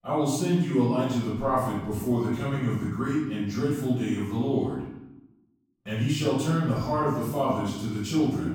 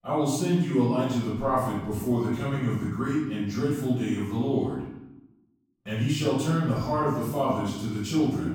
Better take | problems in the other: neither | off-mic speech; far; the same in both // room echo; strong; dies away in 0.8 s; the same in both

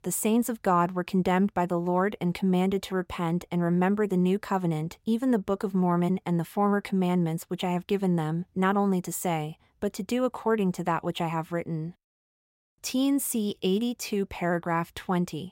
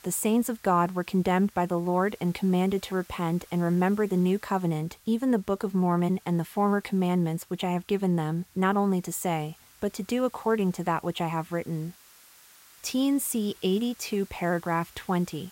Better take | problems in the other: first | hiss; faint; throughout; 25 dB below the speech

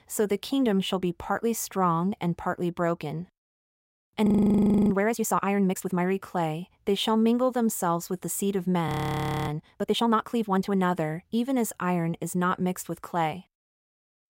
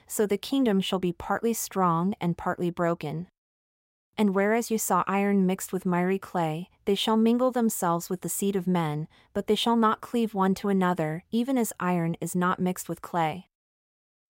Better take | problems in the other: second | audio freezing; at 4.5 s for 0.5 s and at 9 s for 0.5 s

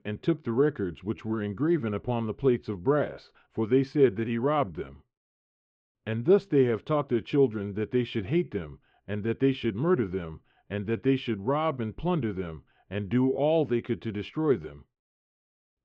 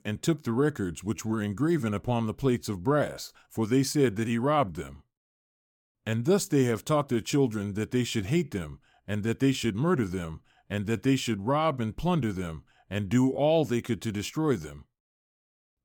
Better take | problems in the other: second | muffled; very; fading above 3.5 kHz

